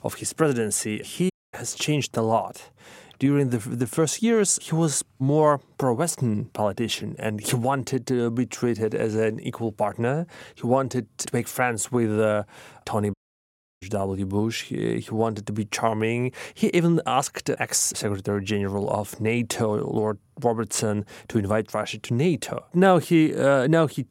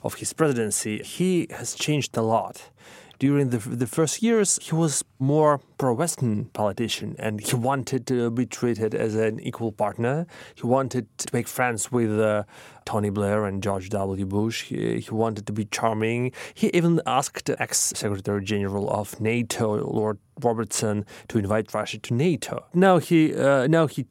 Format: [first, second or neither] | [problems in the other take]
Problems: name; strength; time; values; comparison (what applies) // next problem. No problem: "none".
second | audio cutting out; at 1.5 s and at 13 s for 0.5 s